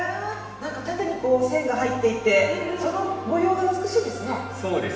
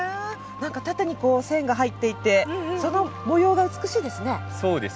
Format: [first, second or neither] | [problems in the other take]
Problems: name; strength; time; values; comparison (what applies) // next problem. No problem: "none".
second | room echo; dies away in 1 s